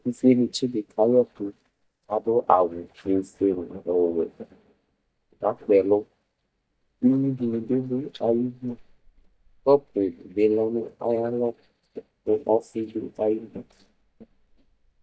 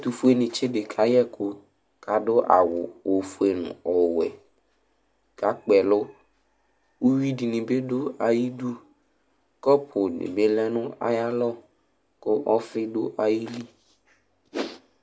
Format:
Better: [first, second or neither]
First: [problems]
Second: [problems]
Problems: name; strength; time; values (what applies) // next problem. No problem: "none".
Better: second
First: noise reduction (neural mask model DeepFilterNet 3)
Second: none